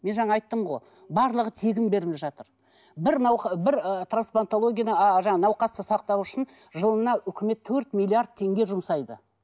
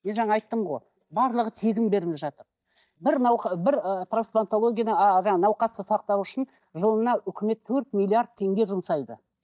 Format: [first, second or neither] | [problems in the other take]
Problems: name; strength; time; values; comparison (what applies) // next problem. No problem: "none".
first | noise reduction (neural mask model DeepFilterNet 3)